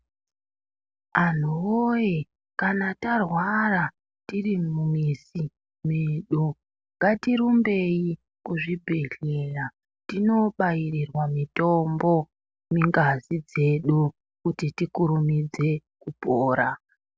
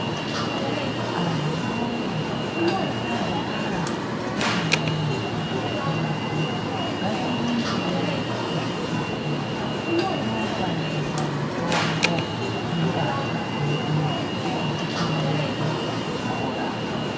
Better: first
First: none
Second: background sound (Alarm); 5 dB above the speech // room echo; dies away in 2 s

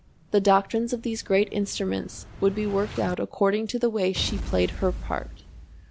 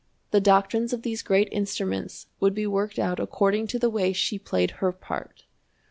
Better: second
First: background sound (Explosion); 12 dB below the speech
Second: none

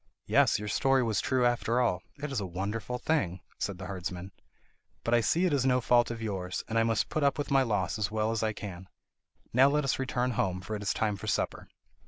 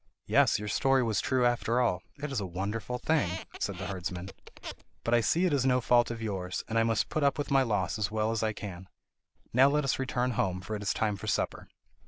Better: first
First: none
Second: background sound (Squeak); 12 dB below the speech

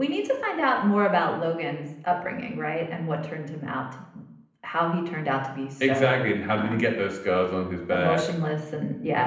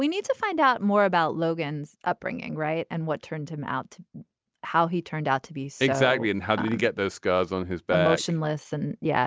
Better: second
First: room echo; dies away in 0.8 s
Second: none

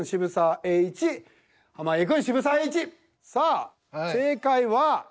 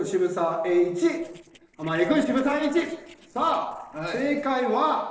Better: first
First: none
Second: noise reduction (neural separator model SepFormer DNS4)

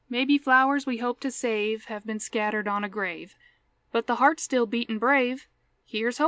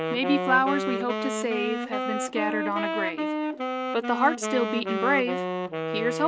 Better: first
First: none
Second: background sound (Wind instrument, woodwind instrument); 2 dB below the speech

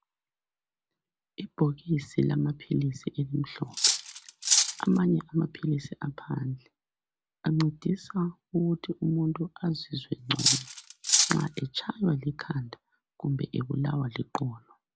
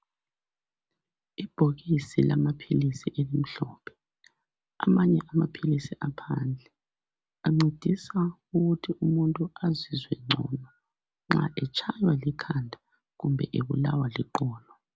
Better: second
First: background sound (Cutlery, silverware); 3 dB above the speech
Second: none

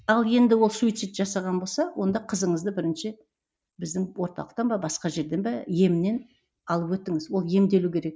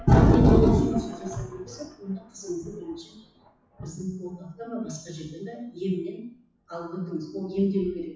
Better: first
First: none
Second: noise reduction (classical method WPE with log-MMSE)

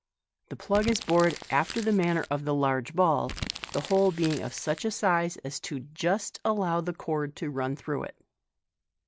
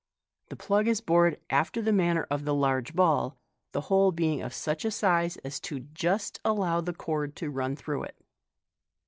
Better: second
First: background sound (Crumpling, crinkling); 11 dB below the speech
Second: none

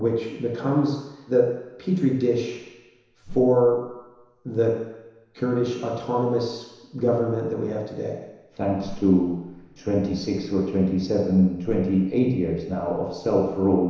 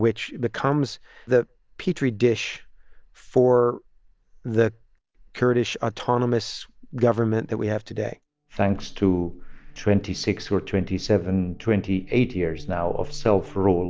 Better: second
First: background sound (Whoosh, swoosh, swish); 19 dB below the speech // room echo; dies away in 1 s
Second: none

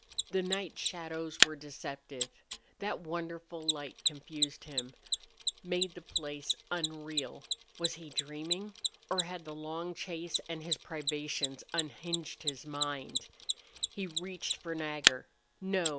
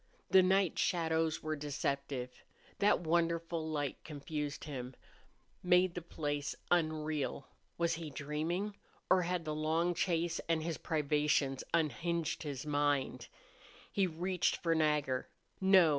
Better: second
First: background sound (Mechanisms); 2 dB above the speech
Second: none

